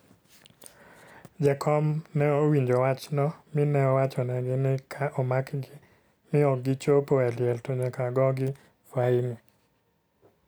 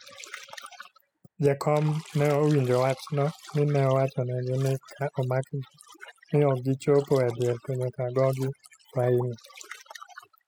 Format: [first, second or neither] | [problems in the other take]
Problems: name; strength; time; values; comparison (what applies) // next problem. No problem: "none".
first | noise reduction (classical method spectral subtraction)